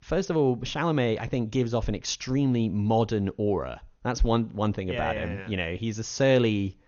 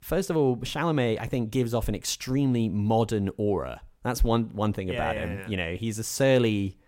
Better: second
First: garbled, watery; slightly; nothing above 6.5 kHz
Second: none

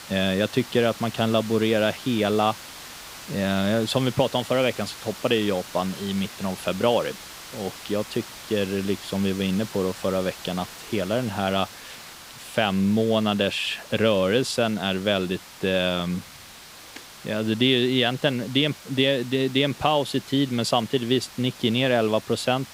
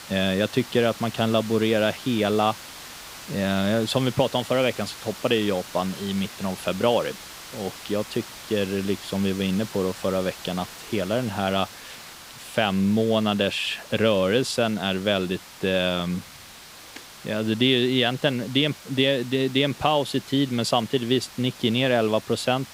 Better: neither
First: hiss; noticeable; throughout; 15 dB below the speech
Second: hiss; noticeable; throughout; 15 dB below the speech

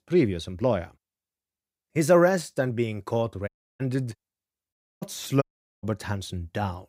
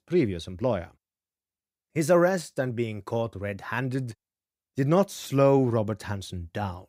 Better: second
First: audio cutting out; at 3.5 s, at 4.5 s and at 5.5 s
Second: none

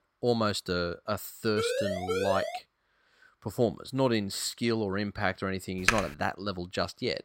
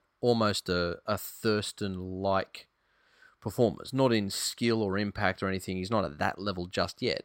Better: second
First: siren; loud; from 1.5 to 2.5 s; peak 1 dB above the speech // keyboard typing; loud; at 6 s; peak 3 dB above the speech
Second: none

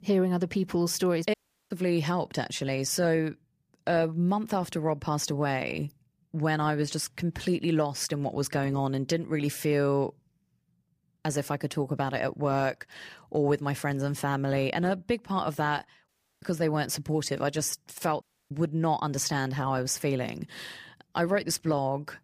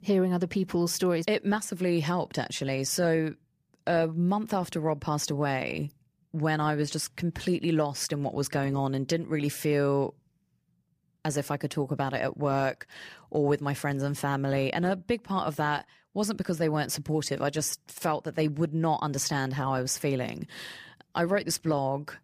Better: second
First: audio cutting out; at 1.5 s, at 16 s and at 18 s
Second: none

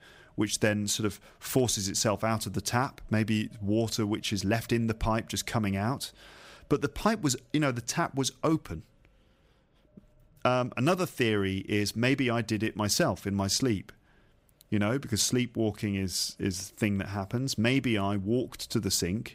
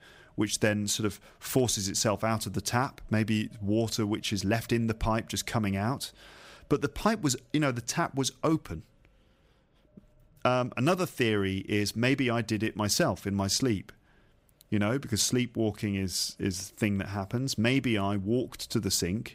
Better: neither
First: none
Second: none

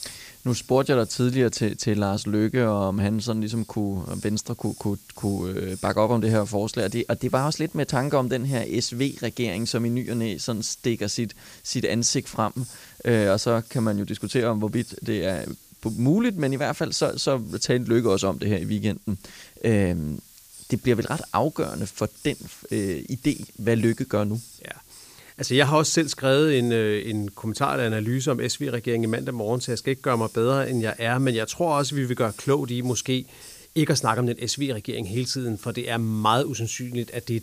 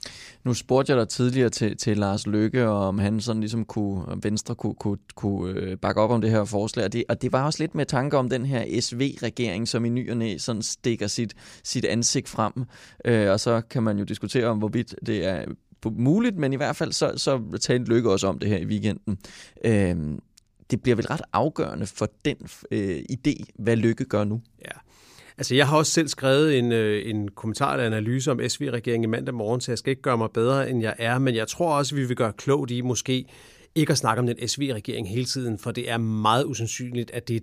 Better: second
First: hiss; faint; throughout; 20 dB below the speech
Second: none

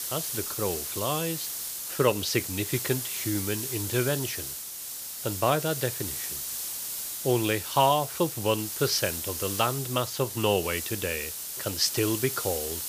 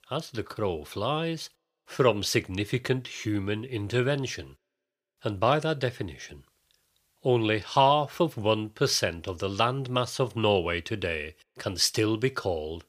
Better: second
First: hiss; loud; throughout; 3 dB below the speech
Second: none

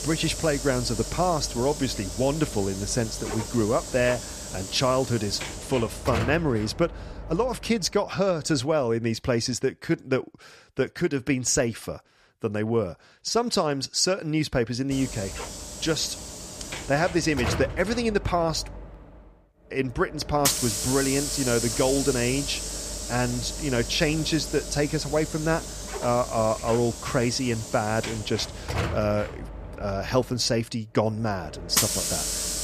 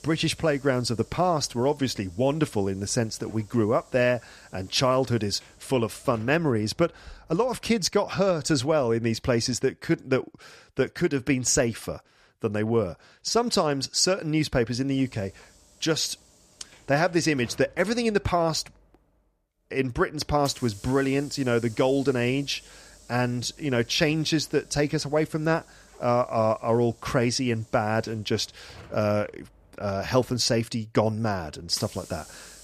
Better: second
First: hiss; loud; until 8.5 s and from 15 s on; 5 dB below the speech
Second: hiss; faint; until 8.5 s and from 15 s on; 25 dB below the speech

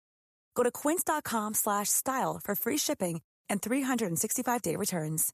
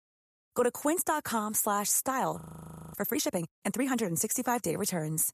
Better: first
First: none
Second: audio freezing; at 2.5 s for 0.5 s

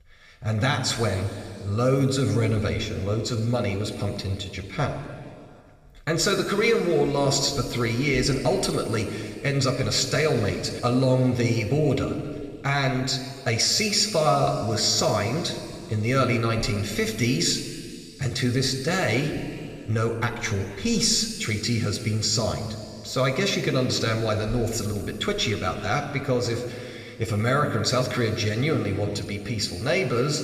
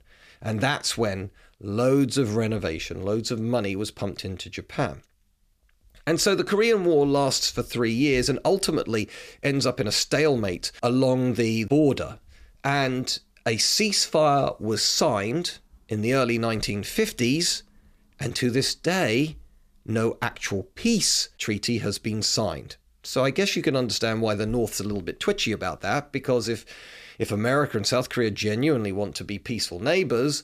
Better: second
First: room echo; noticeable; dies away in 2.5 s // off-mic speech; somewhat distant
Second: none

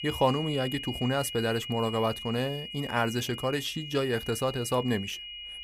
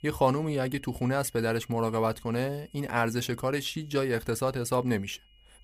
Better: second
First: high-pitched whine; loud; throughout; 3 kHz, 8 dB below the speech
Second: high-pitched whine; faint; throughout; 3 kHz, 30 dB below the speech

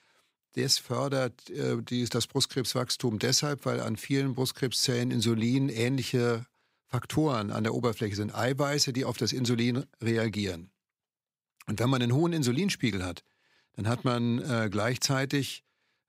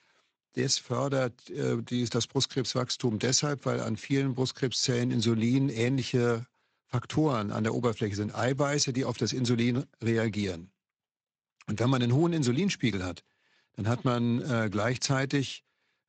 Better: first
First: none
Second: garbled, watery; slightly; nothing above 7.5 kHz

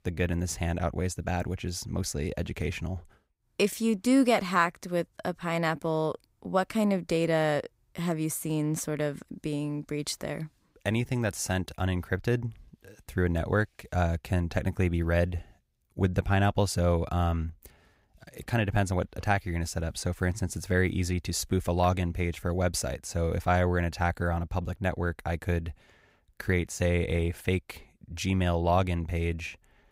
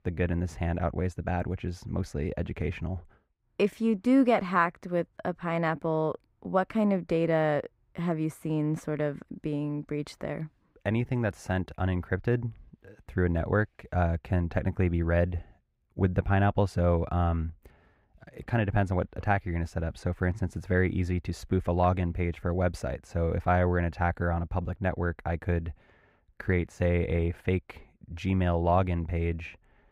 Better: first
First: none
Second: muffled; slightly; fading above 3.5 kHz

